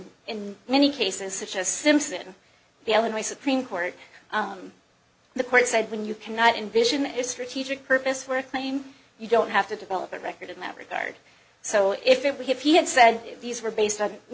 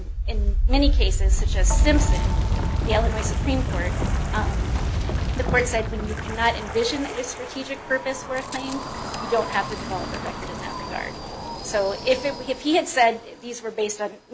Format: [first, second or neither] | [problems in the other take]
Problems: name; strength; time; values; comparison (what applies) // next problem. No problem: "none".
first | background sound (Wind); 3 dB above the speech